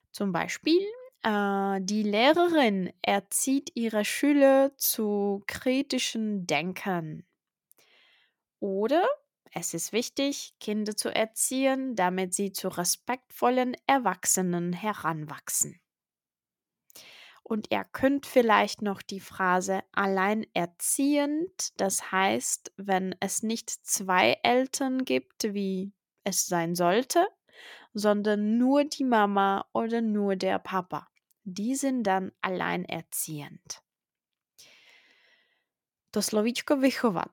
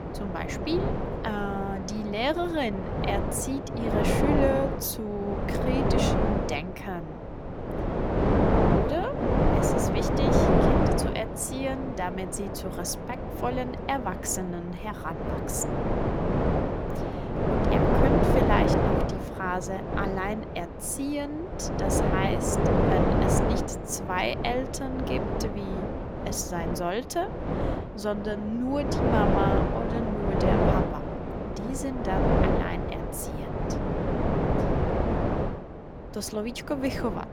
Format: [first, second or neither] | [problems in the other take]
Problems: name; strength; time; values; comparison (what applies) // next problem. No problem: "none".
first | wind noise on the microphone; heavy; 3 dB above the speech